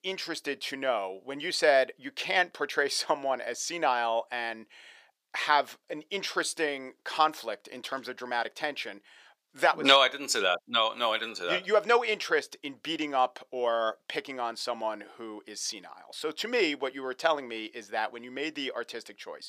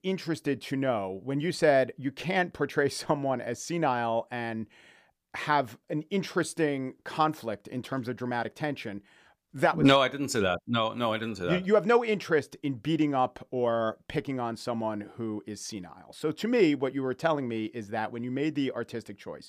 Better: second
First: thin; somewhat; fading below 550 Hz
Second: none

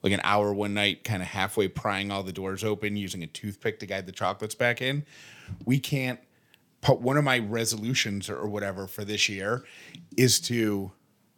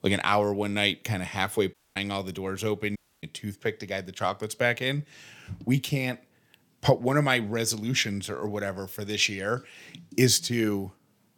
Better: first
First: none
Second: audio cutting out; at 1.5 s and at 3 s

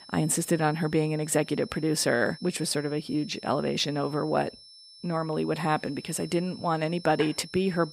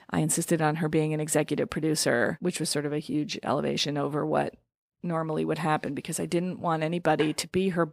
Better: second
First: high-pitched whine; noticeable; throughout; 5.5 kHz, 20 dB below the speech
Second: none

